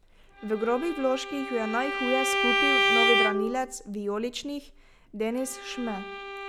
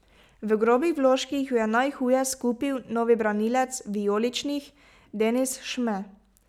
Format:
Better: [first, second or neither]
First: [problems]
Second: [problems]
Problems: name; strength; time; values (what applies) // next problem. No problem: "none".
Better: second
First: background sound (Bowed string instrument); 1 dB above the speech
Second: none